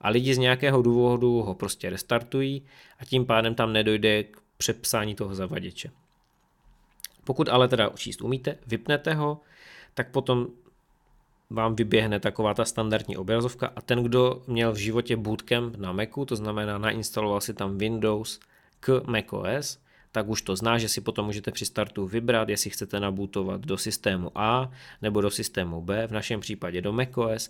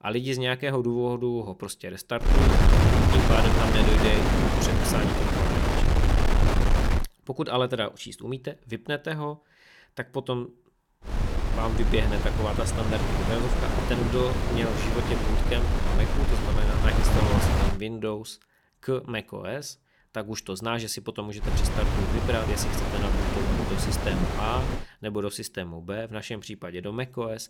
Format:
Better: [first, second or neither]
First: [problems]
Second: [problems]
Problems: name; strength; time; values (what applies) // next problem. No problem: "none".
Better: first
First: none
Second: wind noise on the microphone; heavy; from 2.5 to 7 s, from 11 to 18 s and from 21 to 25 s; 2 dB above the speech